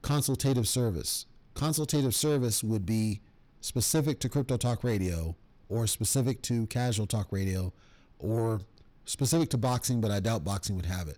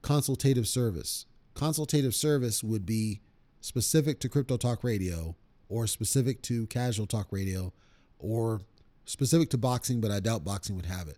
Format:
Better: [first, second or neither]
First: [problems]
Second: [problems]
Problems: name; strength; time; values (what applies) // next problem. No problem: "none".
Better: second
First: distortion; slight; 10 dB below the speech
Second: none